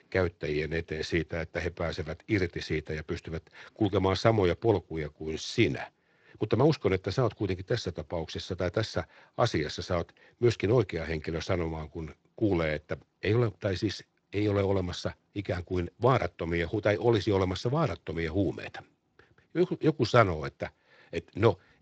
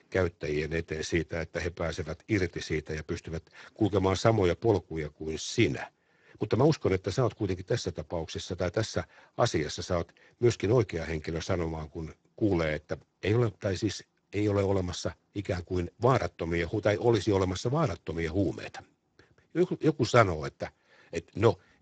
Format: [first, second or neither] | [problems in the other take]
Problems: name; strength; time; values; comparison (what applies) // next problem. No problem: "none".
first | garbled, watery; badly; nothing above 7.5 kHz; slightly in the first